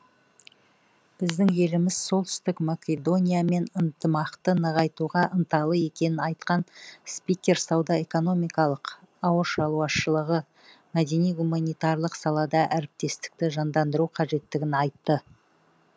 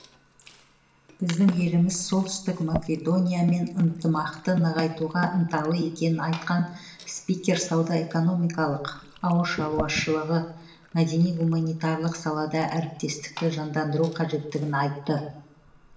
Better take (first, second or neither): first